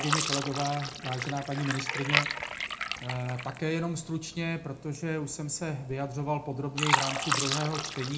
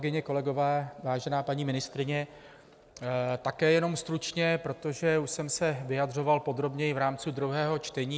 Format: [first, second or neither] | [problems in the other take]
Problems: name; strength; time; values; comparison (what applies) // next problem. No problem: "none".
second | background sound (Fill (with liquid)); 1 dB below the speech // room echo; dies away in 0.3 s